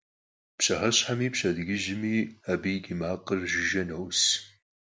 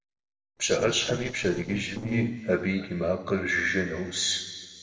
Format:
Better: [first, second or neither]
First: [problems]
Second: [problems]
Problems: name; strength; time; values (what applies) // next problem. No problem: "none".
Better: first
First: none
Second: noise reduction (neural separator model SepFormer DNS4)